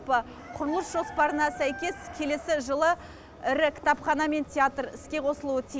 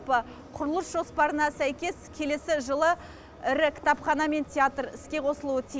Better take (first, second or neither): second